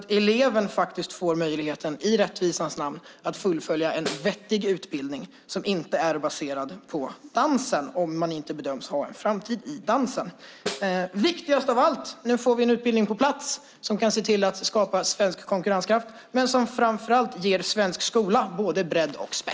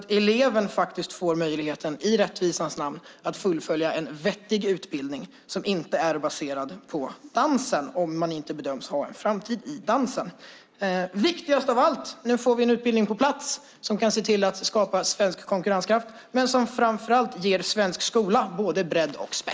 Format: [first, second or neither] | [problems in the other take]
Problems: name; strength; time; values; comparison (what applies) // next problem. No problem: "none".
second | background sound (Snare drum); 14 dB below the speech